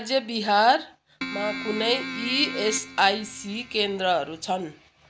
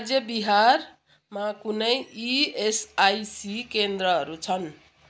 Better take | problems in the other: second | background sound (Keyboard (musical)); 9 dB below the speech

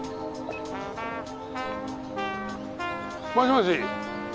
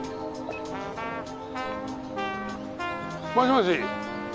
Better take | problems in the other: first | background sound (Electric guitar); 20 dB below the speech

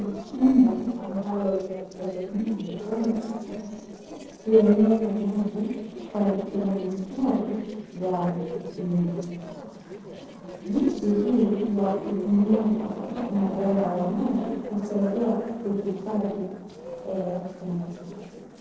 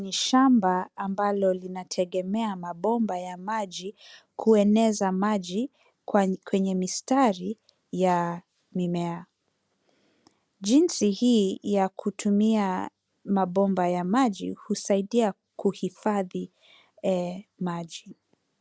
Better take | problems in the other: second | noise reduction (neural separator model SepFormer DNS4)

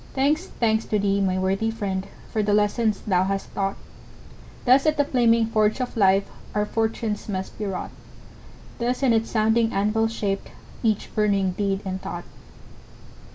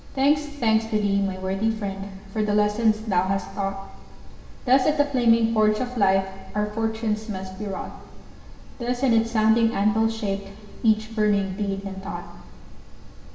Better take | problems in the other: first | room echo; dies away in 1.3 s

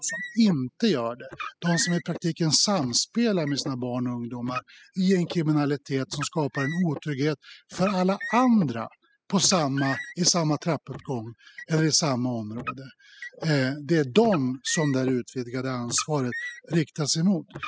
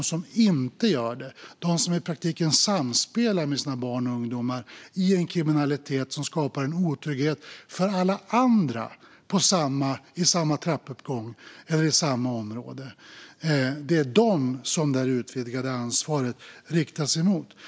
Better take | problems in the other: second | noise reduction (classical method spectral subtraction)

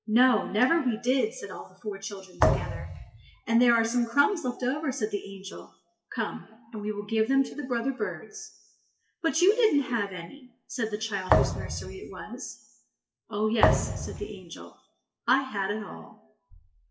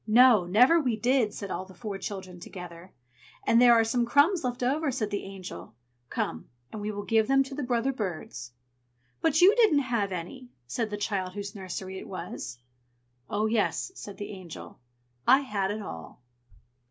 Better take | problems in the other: second | noise reduction (classical method WPE with log-MMSE)

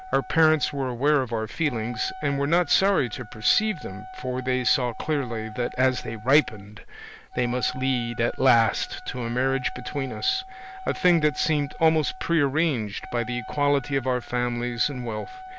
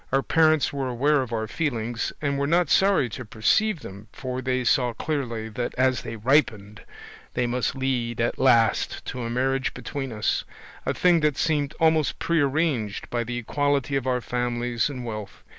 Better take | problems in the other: second | background sound (Wind instrument, woodwind instrument); 16 dB below the speech

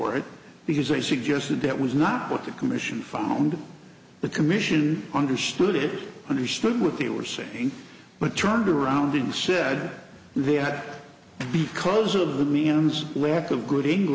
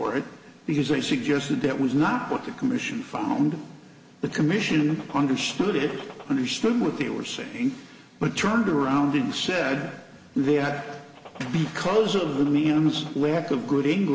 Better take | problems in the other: first | background sound (Gunshot, gunfire); 20 dB below the speech // room echo; dies away in 0.4 s

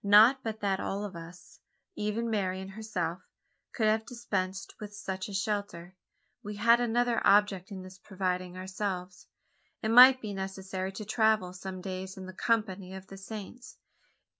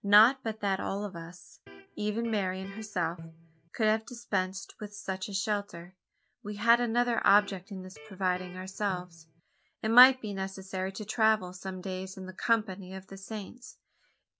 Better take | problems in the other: first | background sound (Electric guitar); 18 dB below the speech

